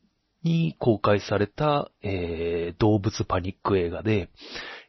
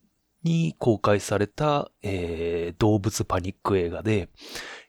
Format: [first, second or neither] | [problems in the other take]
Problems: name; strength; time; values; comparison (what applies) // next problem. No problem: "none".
second | garbled, watery; slightly; nothing above 6 kHz